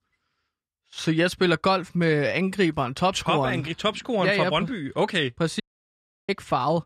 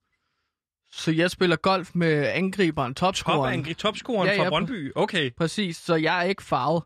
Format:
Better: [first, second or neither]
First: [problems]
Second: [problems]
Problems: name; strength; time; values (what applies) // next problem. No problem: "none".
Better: second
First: audio cutting out; at 5.5 s for 0.5 s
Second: none